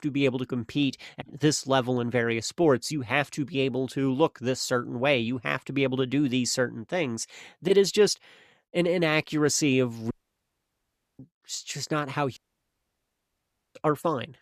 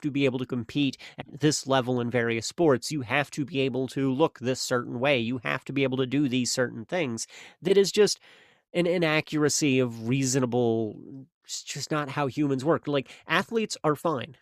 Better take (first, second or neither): second